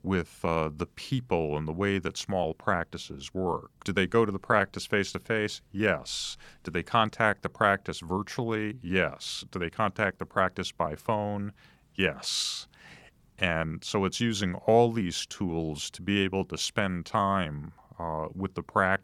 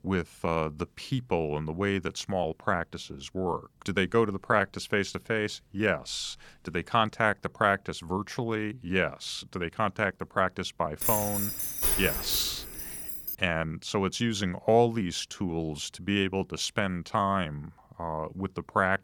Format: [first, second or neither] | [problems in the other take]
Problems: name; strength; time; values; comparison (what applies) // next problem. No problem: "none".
first | jangling keys; loud; from 11 to 13 s; peak 5 dB above the speech